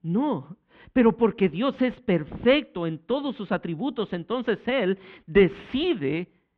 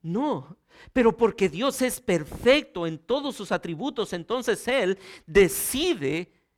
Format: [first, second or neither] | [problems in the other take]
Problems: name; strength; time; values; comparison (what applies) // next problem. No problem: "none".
second | muffled; very; fading above 3.5 kHz